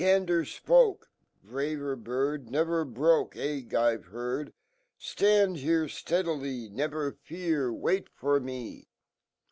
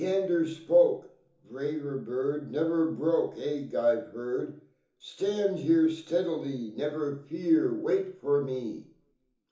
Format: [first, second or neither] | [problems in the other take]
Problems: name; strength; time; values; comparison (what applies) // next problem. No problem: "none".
first | room echo; dies away in 0.7 s